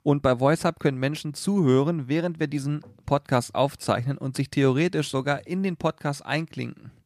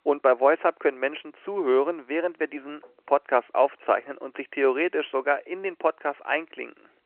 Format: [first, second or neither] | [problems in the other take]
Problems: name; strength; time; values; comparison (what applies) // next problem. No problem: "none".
first | phone-call audio